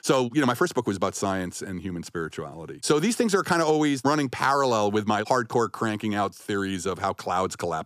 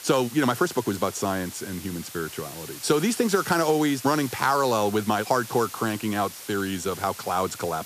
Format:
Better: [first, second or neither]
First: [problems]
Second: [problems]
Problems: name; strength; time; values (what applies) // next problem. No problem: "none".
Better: first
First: none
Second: hiss; noticeable; throughout; 15 dB below the speech